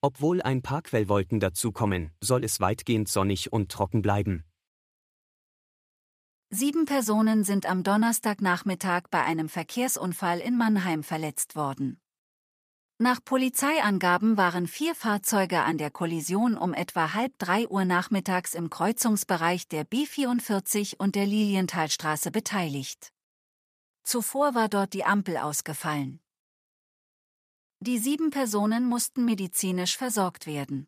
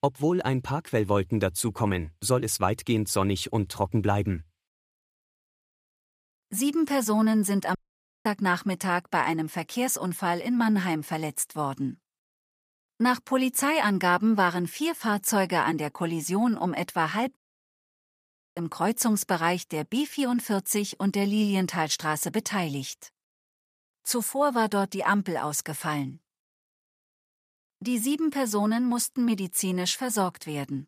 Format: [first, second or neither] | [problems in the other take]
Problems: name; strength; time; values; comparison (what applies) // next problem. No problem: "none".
first | audio cutting out; at 8 s for 0.5 s and at 17 s for 1 s